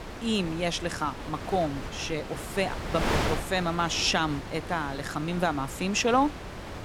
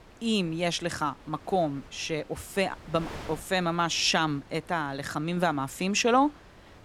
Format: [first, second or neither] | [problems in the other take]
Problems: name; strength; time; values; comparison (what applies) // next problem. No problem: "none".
second | wind noise on the microphone; heavy; 7 dB below the speech; occasional gusts in the second